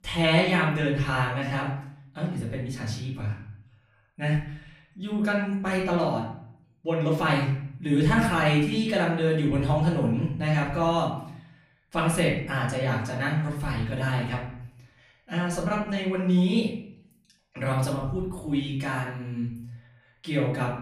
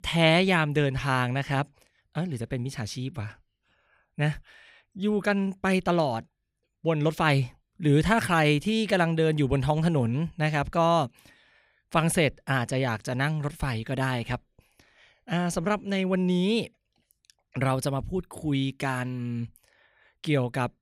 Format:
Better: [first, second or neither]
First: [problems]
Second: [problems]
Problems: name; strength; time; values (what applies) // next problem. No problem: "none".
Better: second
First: off-mic speech; far // room echo; noticeable; dies away in 0.6 s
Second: none